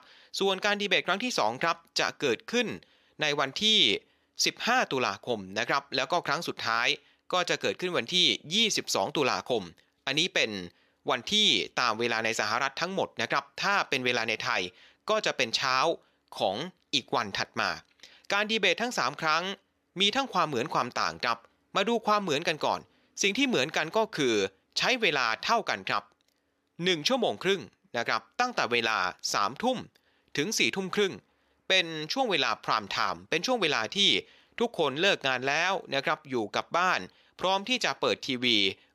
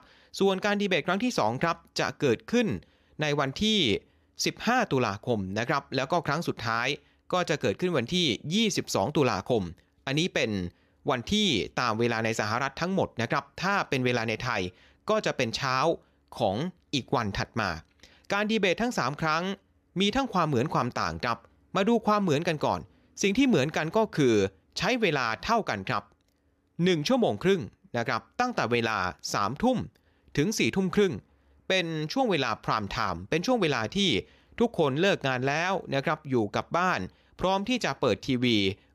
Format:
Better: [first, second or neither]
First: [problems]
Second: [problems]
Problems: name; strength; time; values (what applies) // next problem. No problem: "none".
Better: second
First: thin; very slightly; fading below 950 Hz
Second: none